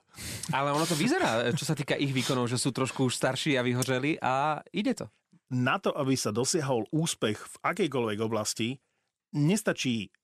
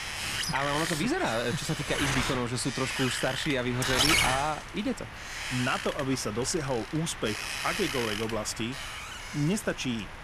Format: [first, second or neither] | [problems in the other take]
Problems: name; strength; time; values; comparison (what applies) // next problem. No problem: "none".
first | wind noise on the microphone; heavy; as loud as the speech